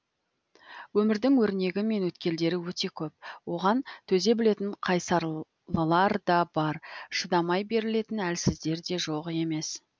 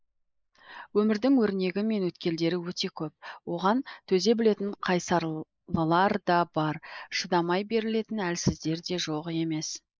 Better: first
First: none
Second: noise reduction (neural mask model Resemble Enhance denoiser)

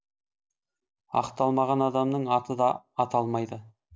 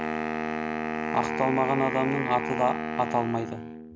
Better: first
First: none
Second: background sound (Wind instrument, woodwind instrument); 2 dB below the speech

